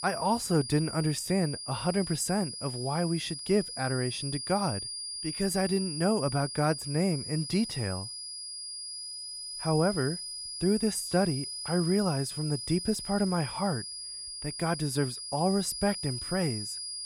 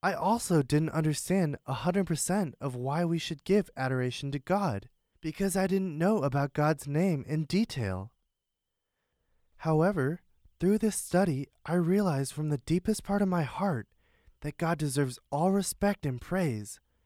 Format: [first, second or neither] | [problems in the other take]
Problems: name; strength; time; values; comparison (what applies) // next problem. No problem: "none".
second | high-pitched whine; loud; throughout; 5 kHz, 6 dB below the speech